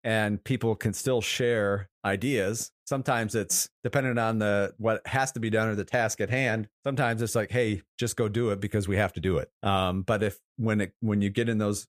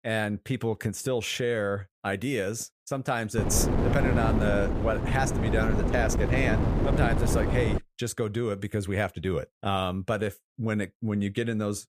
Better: first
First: none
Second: wind noise on the microphone; heavy; from 3.5 to 8 s; 2 dB below the speech

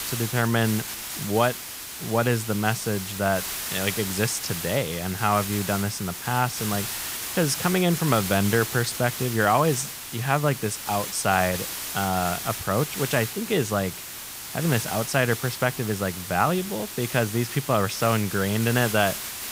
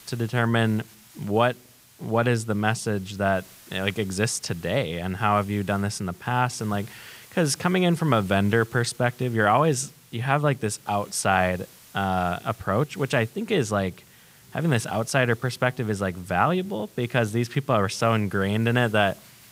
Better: second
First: hiss; loud; throughout; 6 dB below the speech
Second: hiss; faint; throughout; 25 dB below the speech

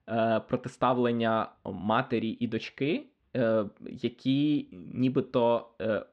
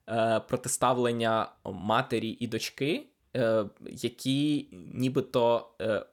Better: second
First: muffled; slightly; fading above 3.5 kHz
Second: none

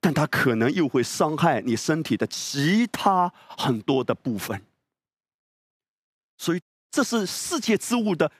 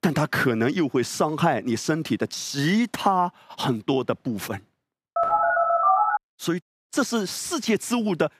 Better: first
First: none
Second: phone ringing; loud; from 5 to 6 s; peak 5 dB above the speech

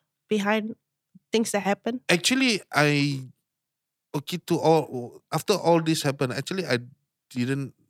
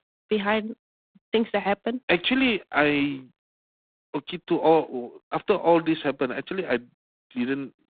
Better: first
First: none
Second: phone-call audio; poor line; nothing above 3.5 kHz

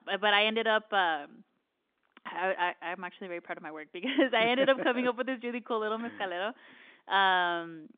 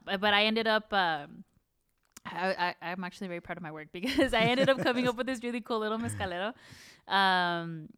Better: second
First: phone-call audio; nothing above 3.5 kHz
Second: none

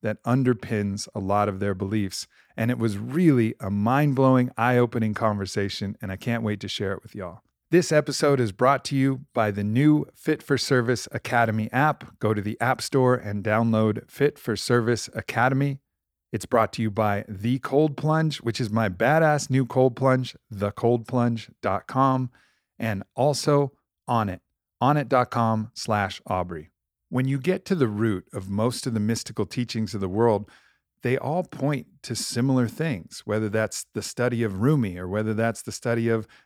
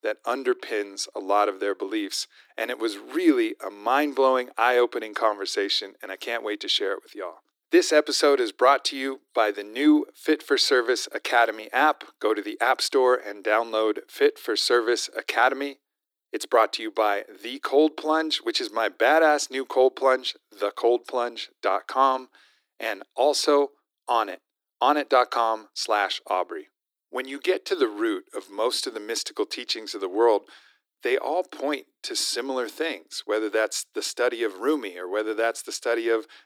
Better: first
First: none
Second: thin; very; fading below 300 Hz

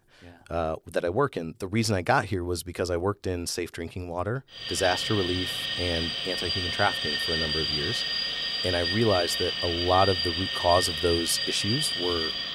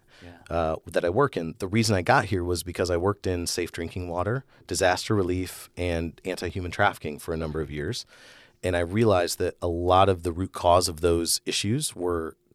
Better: second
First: alarm; loud; from 4.5 s on; peak 3 dB above the speech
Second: none

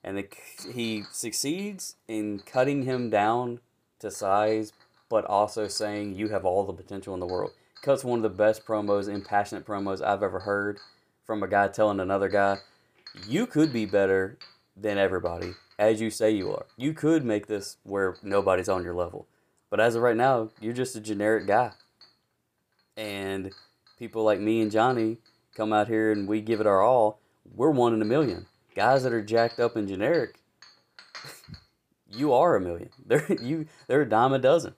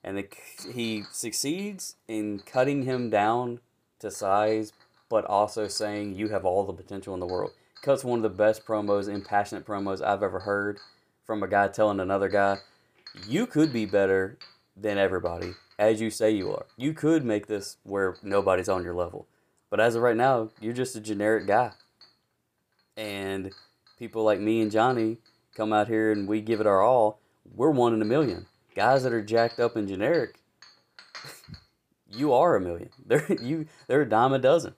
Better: neither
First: household noises; faint; throughout; 25 dB below the speech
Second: household noises; faint; throughout; 25 dB below the speech

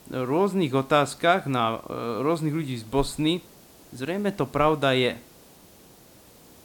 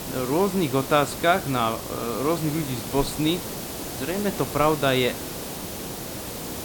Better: first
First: hiss; faint; throughout; 25 dB below the speech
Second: hiss; loud; throughout; 8 dB below the speech

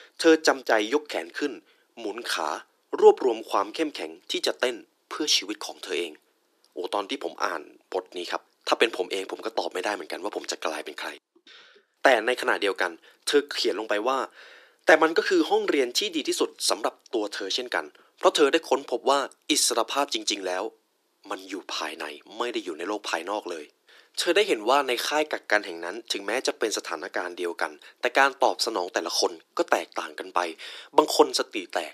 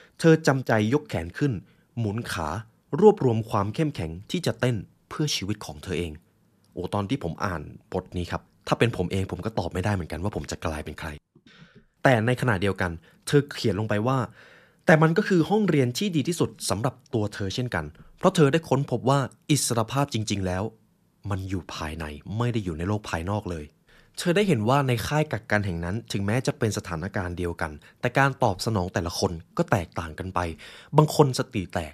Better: second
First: thin; very; fading below 300 Hz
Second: none

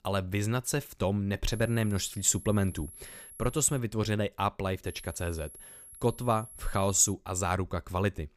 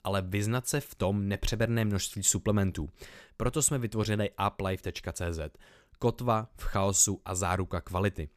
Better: second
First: high-pitched whine; noticeable; from 1.5 to 4 s and from 5 to 7 s; 11 kHz, 15 dB below the speech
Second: none

